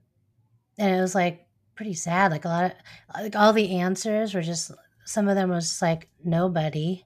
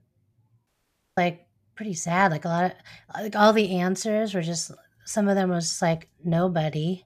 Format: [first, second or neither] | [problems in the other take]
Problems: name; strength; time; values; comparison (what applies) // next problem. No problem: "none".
first | audio cutting out; at 0.5 s